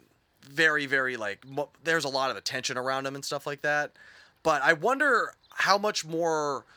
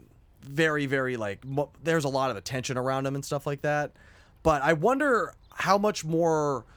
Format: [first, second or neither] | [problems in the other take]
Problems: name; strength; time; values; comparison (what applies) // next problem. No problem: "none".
second | thin; somewhat; fading below 450 Hz